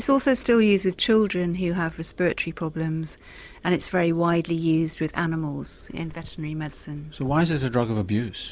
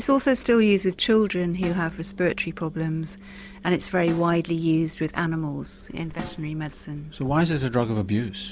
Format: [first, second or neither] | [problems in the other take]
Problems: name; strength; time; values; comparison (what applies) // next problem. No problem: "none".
first | background sound (Bass guitar + Snare drum); 19 dB below the speech